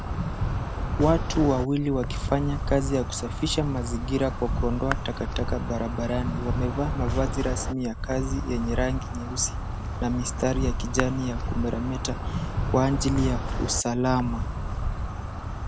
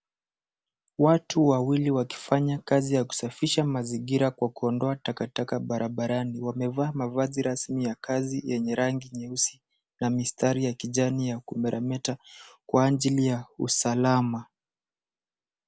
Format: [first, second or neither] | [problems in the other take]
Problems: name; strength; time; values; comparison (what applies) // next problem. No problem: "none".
second | background sound (Insect); 1 dB below the speech